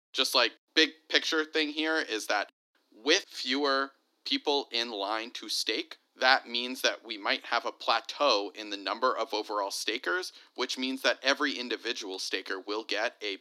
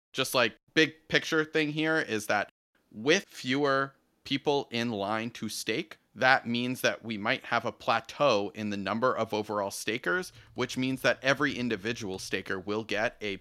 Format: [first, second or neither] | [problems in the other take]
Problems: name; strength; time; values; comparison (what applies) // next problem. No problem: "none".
second | thin; very slightly; fading below 250 Hz